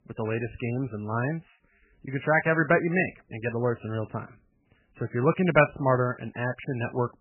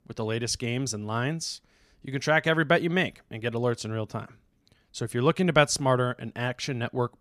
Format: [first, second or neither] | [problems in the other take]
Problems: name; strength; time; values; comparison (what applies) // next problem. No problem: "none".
second | garbled, watery; badly; nothing above 3 kHz